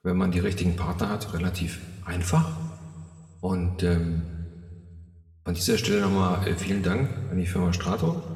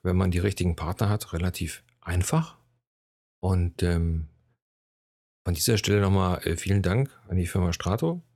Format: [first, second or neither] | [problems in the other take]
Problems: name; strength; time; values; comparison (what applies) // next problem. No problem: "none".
second | room echo; slight; dies away in 1.9 s // off-mic speech; somewhat distant